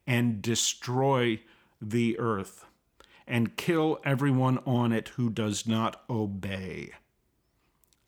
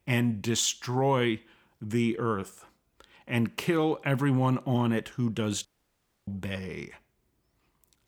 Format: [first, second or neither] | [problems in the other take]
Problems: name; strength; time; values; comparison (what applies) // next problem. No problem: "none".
first | audio cutting out; at 5.5 s for 0.5 s